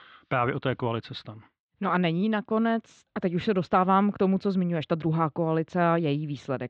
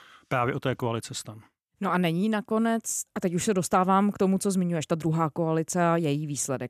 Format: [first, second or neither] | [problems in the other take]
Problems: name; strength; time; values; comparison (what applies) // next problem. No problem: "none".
second | muffled; very; fading above 4 kHz